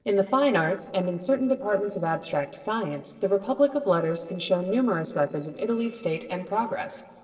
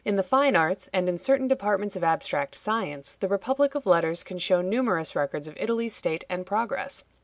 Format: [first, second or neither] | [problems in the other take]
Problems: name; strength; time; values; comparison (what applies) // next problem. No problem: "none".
second | noise reduction (neural separator model SepFormer DNS4)